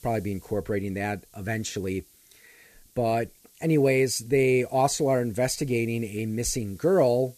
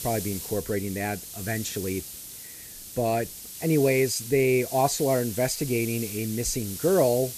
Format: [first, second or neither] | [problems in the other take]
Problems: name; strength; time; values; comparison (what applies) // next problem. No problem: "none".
first | hiss; loud; throughout; 9 dB below the speech; faint in the first